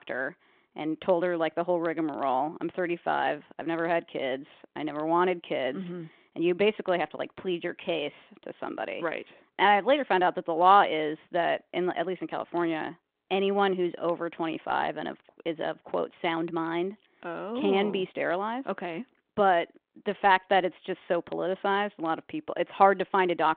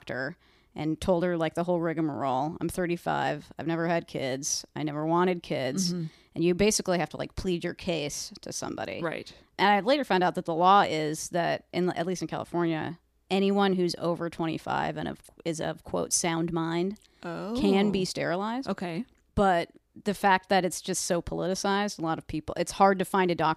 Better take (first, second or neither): second